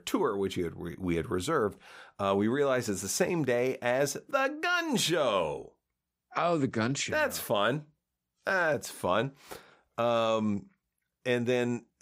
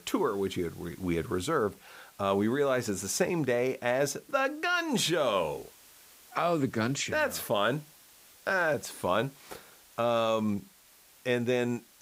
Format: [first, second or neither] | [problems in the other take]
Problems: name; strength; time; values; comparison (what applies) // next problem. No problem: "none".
first | hiss; faint; throughout; 25 dB below the speech